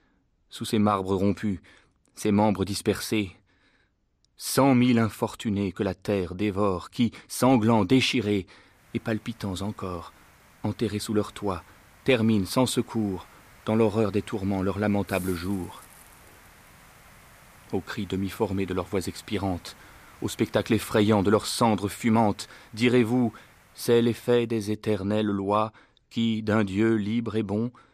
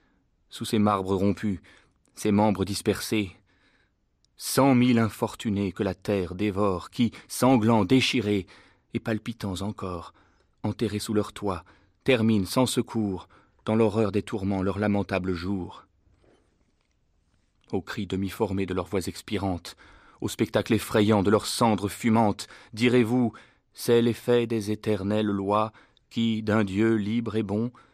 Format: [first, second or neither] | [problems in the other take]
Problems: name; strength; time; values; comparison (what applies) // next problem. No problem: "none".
second | hiss; faint; from 9 to 24 s; 25 dB below the speech